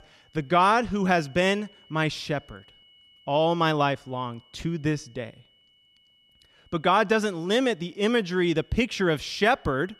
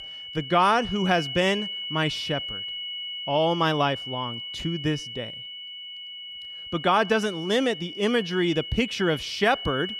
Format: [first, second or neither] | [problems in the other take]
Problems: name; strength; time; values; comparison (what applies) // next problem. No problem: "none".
first | high-pitched whine; loud; throughout; 3 kHz, 8 dB below the speech; faint in the first